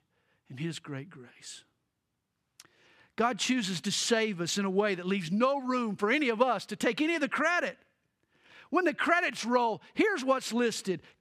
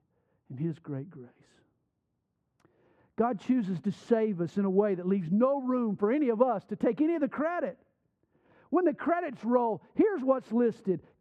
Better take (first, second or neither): first